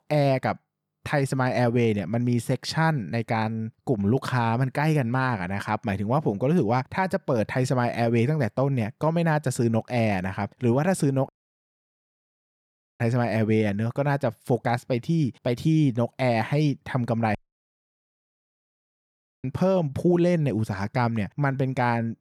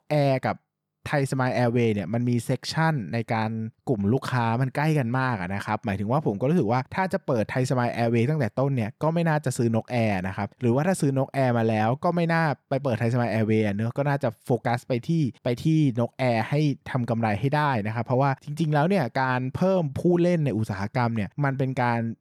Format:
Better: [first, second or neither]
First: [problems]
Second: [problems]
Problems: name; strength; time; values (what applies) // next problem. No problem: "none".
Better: second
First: audio cutting out; at 11 s for 1.5 s and at 17 s for 2 s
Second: none